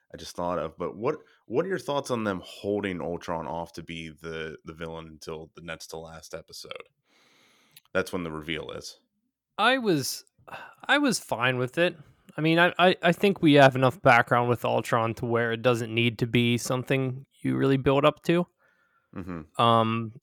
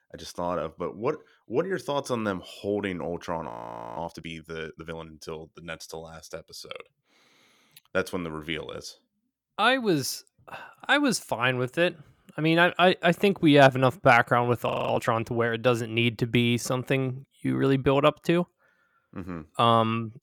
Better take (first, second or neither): first